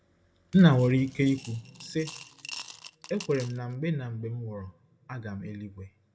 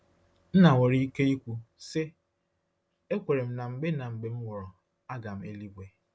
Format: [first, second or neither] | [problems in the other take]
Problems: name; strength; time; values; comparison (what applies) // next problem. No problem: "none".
second | background sound (Coin (dropping) / Glass); 18 dB below the speech // room echo; dies away in 0.6 s